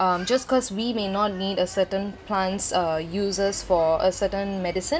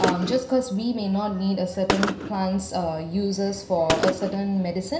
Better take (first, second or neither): first